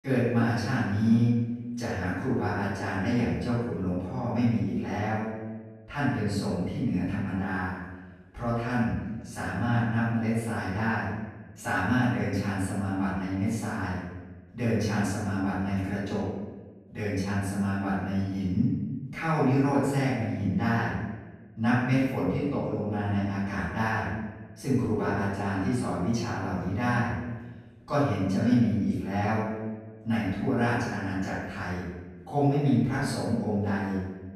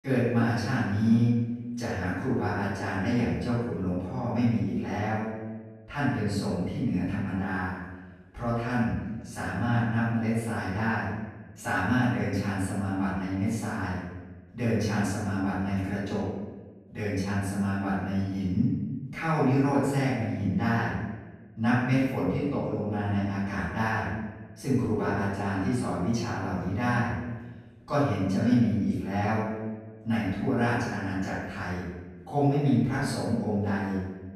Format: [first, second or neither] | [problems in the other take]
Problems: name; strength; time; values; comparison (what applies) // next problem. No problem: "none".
neither | off-mic speech; far; the same in both // room echo; strong; dies away in 1.1 s; the same in both